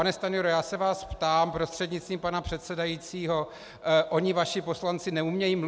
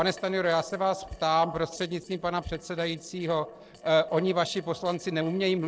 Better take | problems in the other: first | noise reduction (neural separator model SepFormer DNS4)

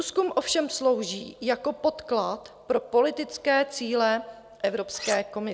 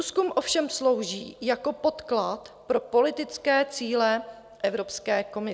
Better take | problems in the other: second | background sound (Cutlery, silverware); 11 dB below the speech

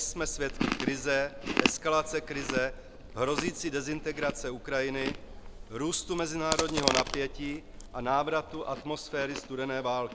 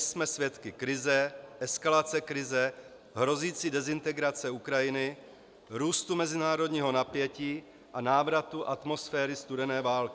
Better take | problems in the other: second | background sound (Chewing, mastication); 4 dB below the speech

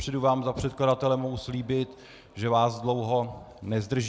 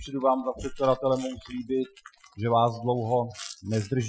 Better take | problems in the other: first | noise reduction (classical method Wiener filter)

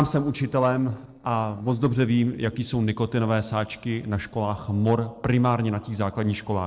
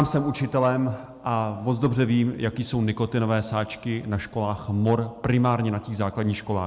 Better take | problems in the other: second | noise reduction (neural separator model SepFormer DNS4)

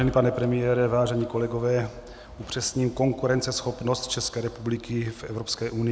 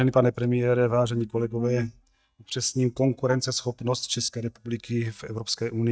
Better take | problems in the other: first | noise reduction (neural mask model DeepFilterNet 3)

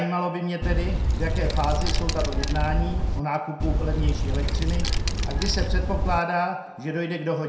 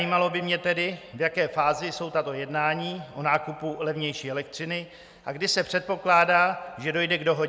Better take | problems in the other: second | background sound (Wind); 5 dB above the speech // room echo; dies away in 0.5 s

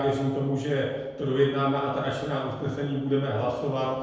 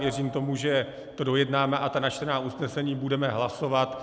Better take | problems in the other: second | room echo; dies away in 1.2 s

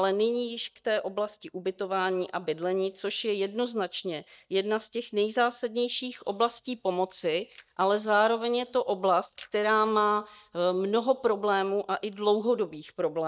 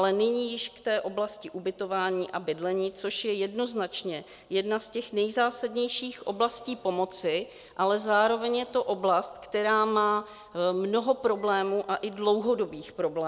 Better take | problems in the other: second | noise reduction (neural mask model DeepFilterNet 3)

